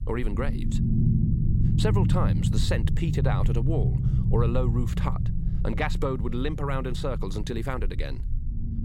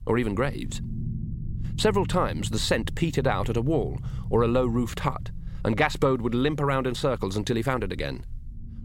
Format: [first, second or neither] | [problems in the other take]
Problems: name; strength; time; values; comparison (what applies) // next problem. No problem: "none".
second | low rumble; loud; throughout; 5 dB below the speech; faint in the second